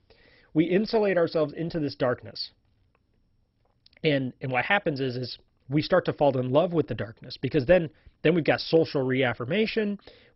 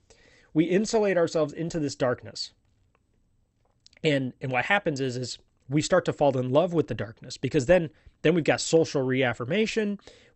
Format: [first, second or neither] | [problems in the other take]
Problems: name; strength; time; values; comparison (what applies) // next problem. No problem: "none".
second | garbled, watery; badly; nothing above 5.5 kHz; slightly in the second